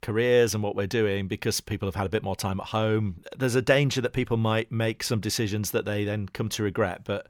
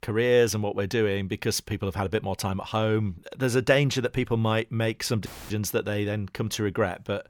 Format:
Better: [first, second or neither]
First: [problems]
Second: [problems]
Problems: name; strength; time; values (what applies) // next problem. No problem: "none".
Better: first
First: none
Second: audio cutting out; filled with static; at 5.5 s